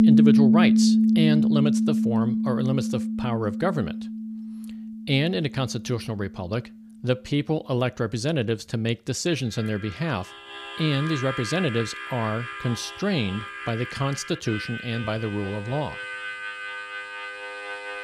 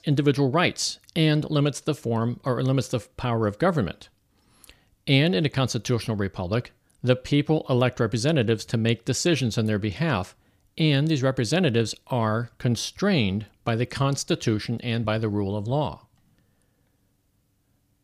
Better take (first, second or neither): second